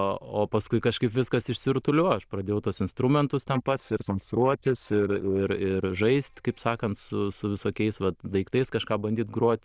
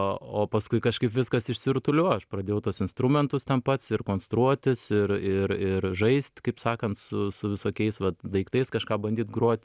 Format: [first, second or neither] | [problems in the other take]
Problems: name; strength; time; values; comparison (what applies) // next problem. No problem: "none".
second | noise reduction (neural diffusion model UNIVERSE++)